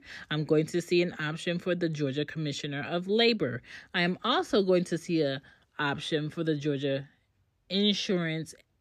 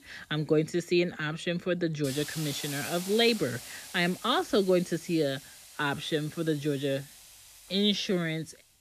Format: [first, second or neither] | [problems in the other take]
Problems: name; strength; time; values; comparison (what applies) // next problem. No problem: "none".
first | hiss; noticeable; throughout; 15 dB below the speech